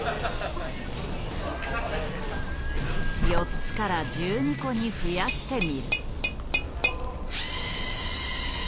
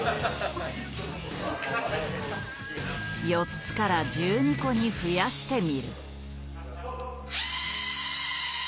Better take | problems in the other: second | background sound (Tap / Glass + Zipper (clothing)); 2 dB above the speech

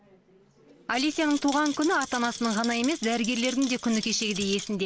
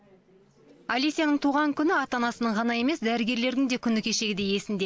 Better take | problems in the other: second | background sound (Rattle); 11 dB below the speech

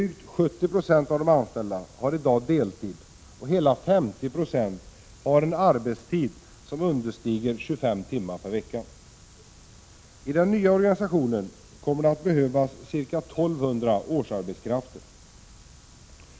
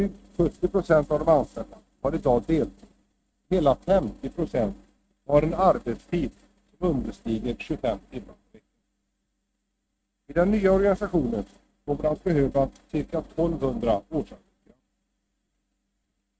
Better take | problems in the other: first | noise reduction (neural mask model RNNoise)

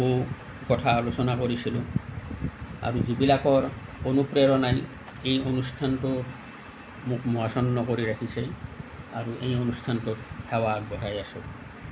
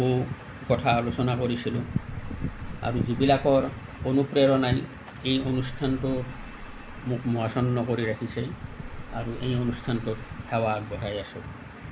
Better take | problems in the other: first | background sound (Wind); 15 dB below the speech

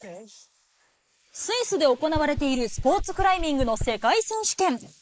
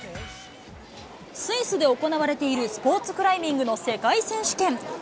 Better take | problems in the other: second | noise reduction (neural mask model Resemble Enhance denoiser)

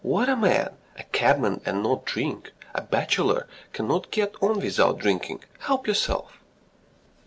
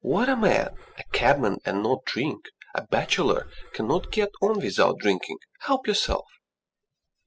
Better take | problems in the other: first | noise reduction (classical method spectral subtraction)

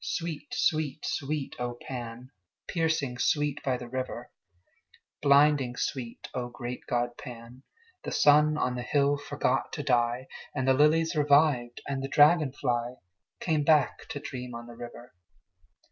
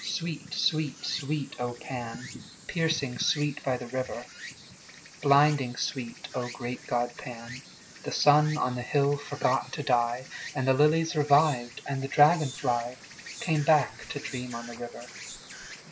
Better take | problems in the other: first | background sound (Insect); 16 dB below the speech

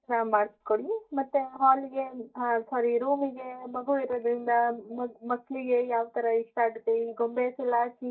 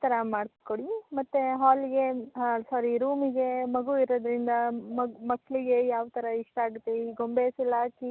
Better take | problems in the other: second | noise reduction (neural mask model DeepFilterNet 3)

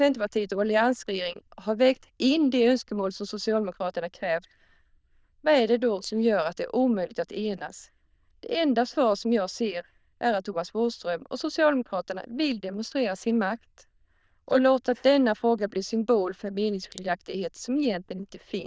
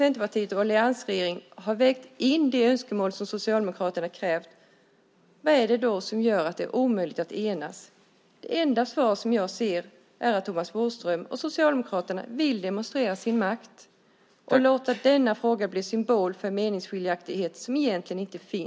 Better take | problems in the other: second | noise reduction (neural diffusion model UNIVERSE++)

